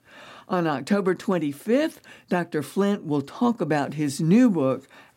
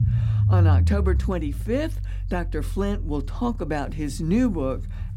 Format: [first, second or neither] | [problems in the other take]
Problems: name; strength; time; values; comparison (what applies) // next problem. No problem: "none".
first | low rumble; noticeable; throughout; 10 dB below the speech